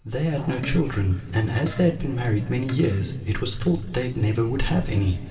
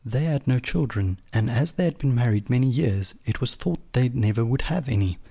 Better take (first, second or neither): second